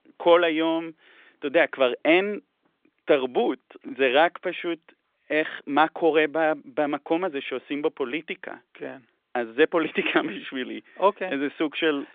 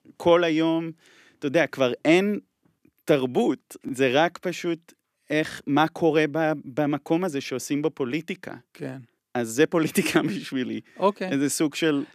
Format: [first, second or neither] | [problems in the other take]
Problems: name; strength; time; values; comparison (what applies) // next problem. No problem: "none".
second | phone-call audio; nothing above 3.5 kHz